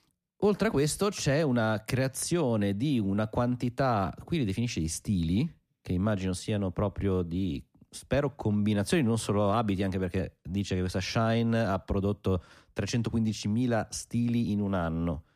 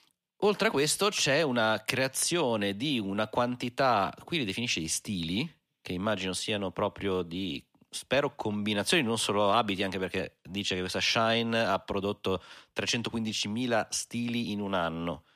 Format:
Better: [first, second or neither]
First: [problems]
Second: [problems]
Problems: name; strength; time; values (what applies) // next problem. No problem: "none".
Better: first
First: none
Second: thin; somewhat; fading below 1 kHz